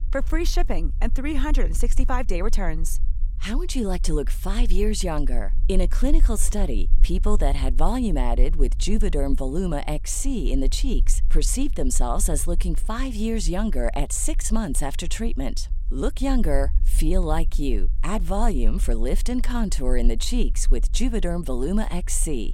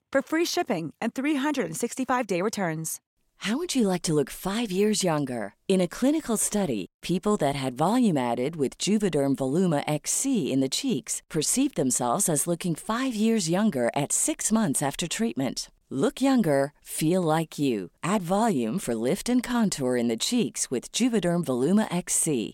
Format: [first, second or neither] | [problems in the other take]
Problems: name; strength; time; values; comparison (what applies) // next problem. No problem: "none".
second | low rumble; faint; throughout; 25 dB below the speech